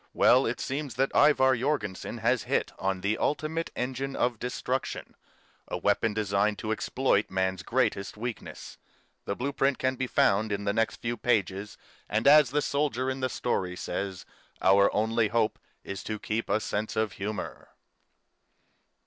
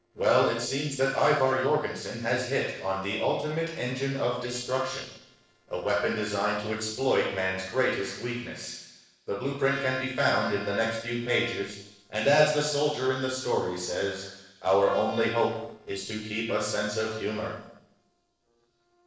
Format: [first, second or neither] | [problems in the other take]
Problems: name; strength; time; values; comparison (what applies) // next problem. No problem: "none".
first | noise reduction (neural separator model SepFormer DNS4)